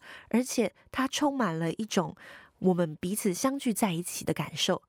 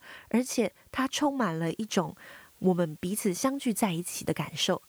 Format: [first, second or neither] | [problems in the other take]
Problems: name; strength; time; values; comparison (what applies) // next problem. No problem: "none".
first | hiss; faint; throughout; 30 dB below the speech